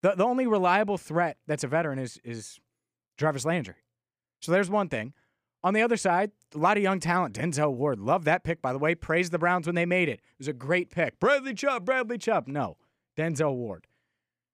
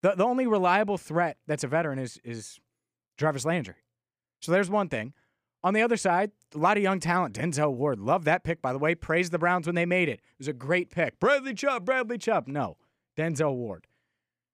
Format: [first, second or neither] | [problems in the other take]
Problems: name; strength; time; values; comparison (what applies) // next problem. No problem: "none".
neither | none